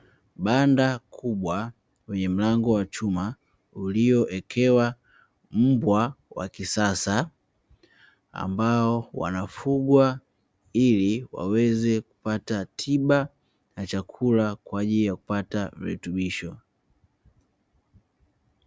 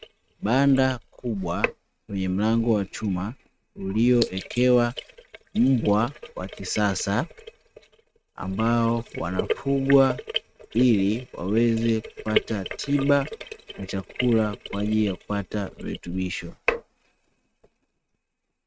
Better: first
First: none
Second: noise reduction (neural mask model RNNoise)

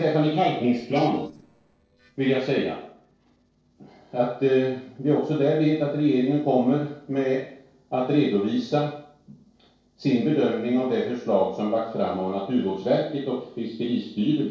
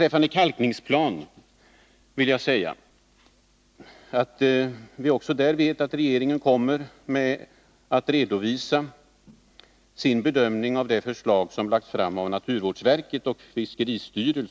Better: second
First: noise reduction (neural separator model SepFormer DNS4)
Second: none

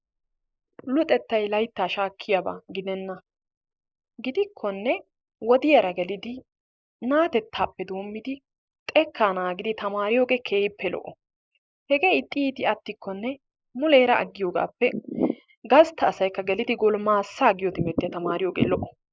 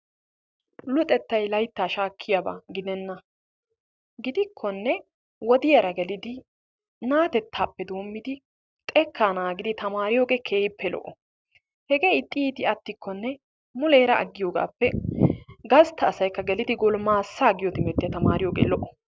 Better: second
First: noise reduction (neural mask model Resemble Enhance denoiser)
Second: none

